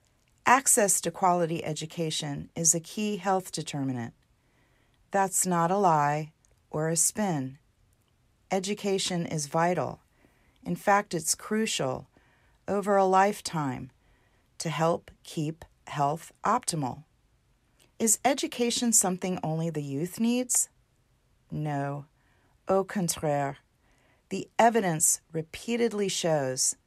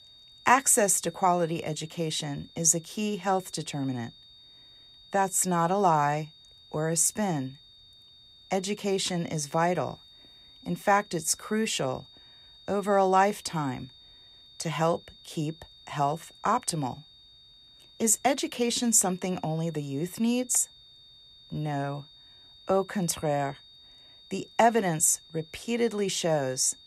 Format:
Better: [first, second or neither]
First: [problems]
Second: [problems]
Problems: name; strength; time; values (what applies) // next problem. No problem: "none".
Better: first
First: none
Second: high-pitched whine; faint; throughout; 3.5 kHz, 25 dB below the speech